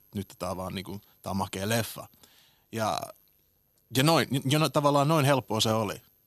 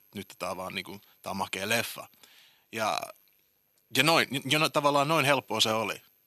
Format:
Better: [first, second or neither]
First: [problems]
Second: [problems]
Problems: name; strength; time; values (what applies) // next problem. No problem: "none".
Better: first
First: none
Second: thin; very slightly; fading below 600 Hz